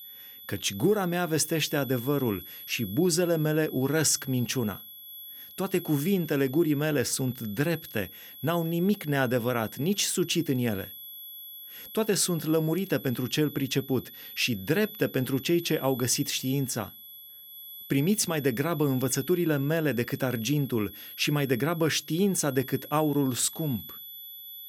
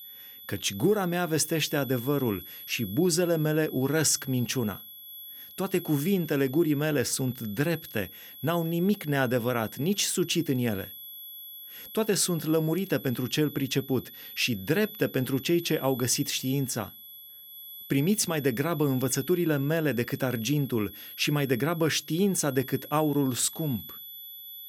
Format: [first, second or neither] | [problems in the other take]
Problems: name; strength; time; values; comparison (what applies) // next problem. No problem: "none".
neither | high-pitched whine; noticeable; throughout; 11.5 kHz, 15 dB below the speech; the same in both